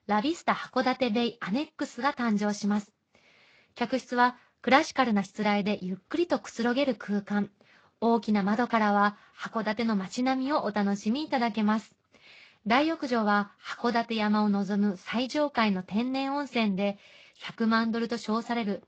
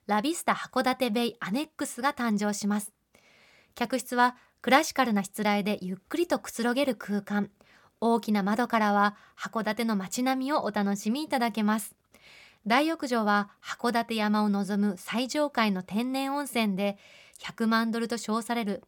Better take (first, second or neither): second